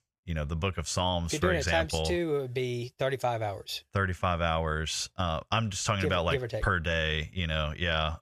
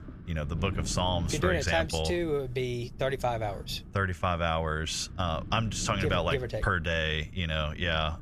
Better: first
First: none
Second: wind noise on the microphone; occasional gusts; 20 dB below the speech

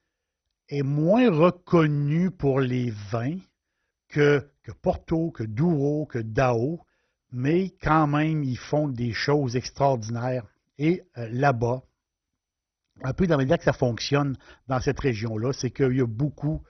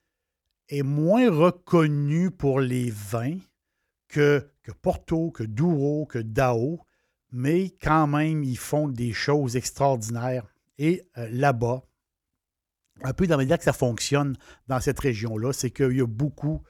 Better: second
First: garbled, watery; badly; nothing above 6 kHz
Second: none

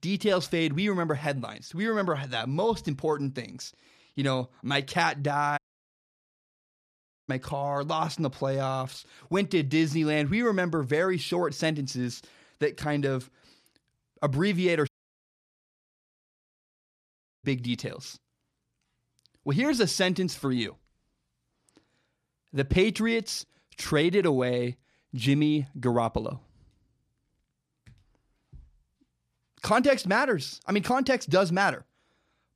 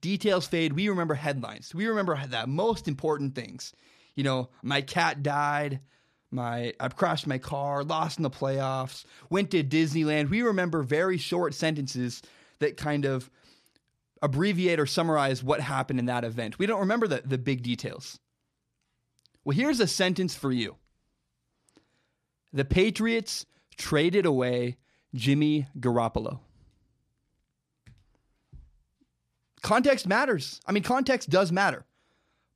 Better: second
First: audio cutting out; at 5.5 s for 1.5 s and at 15 s for 2.5 s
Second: none

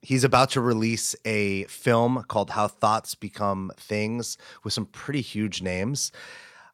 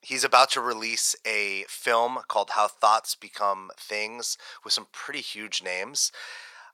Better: first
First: none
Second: thin; very; fading below 800 Hz

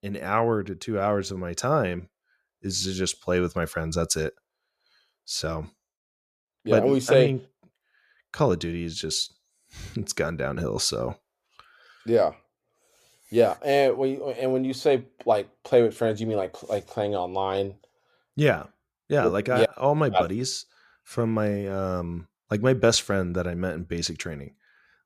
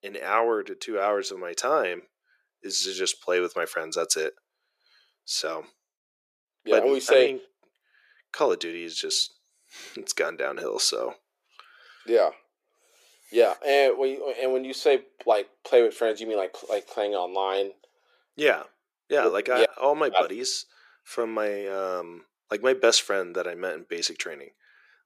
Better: first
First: none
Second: thin; very; fading below 350 Hz

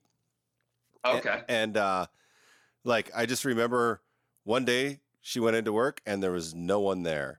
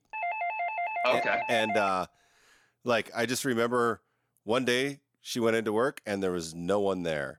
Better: first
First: none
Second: doorbell; noticeable; until 2 s; peak 2 dB below the speech

